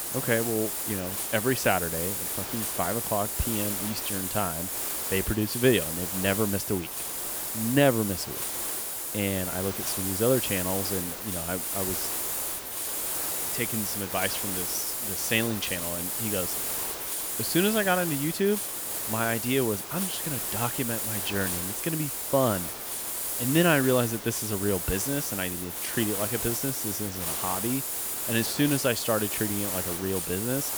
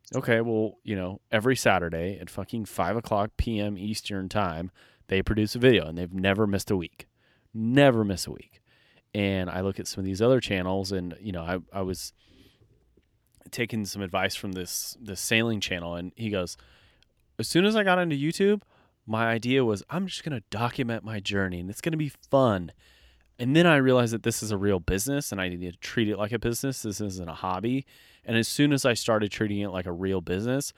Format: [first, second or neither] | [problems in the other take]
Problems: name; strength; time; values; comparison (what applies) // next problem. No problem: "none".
second | hiss; loud; throughout; as loud as the speech